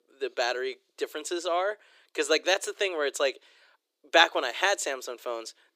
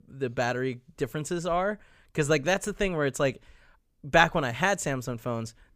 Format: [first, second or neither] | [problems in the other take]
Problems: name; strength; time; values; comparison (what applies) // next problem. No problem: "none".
second | thin; very; fading below 350 Hz